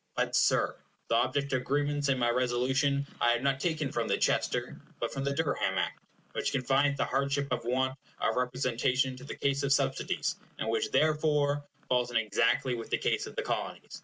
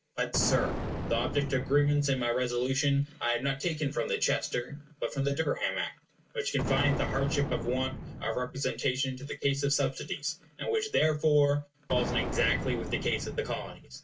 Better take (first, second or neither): first